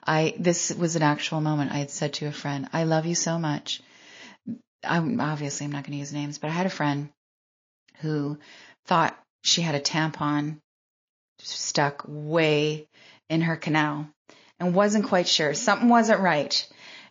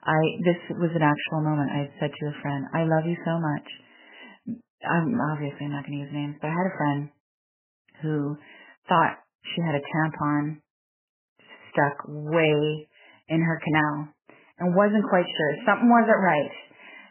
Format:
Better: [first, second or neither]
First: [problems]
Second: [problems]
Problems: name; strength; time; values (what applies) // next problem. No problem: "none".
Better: first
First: garbled, watery; slightly; nothing above 6.5 kHz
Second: garbled, watery; badly; nothing above 3 kHz